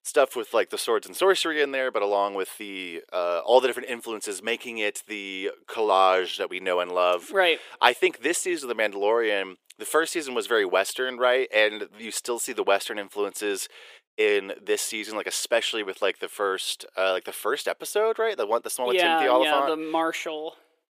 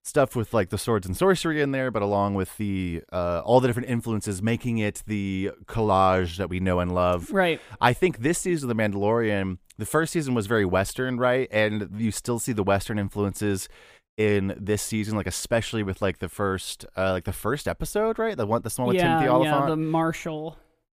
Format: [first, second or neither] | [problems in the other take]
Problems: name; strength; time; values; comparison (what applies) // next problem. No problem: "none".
second | thin; very; fading below 400 Hz